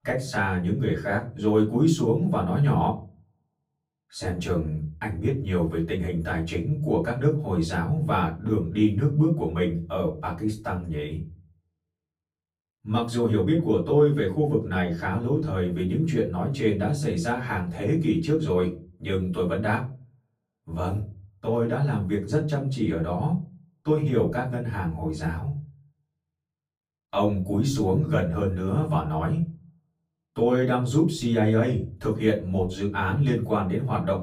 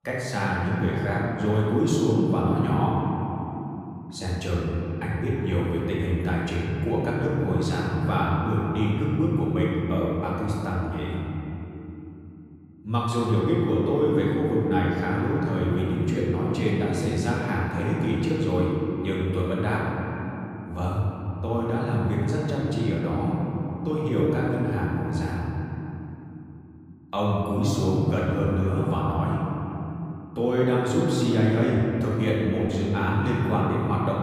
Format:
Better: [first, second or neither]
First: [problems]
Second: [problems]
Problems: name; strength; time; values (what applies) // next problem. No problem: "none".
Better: first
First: room echo; slight; dies away in 0.3 s // off-mic speech; far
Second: room echo; strong; dies away in 3 s // off-mic speech; far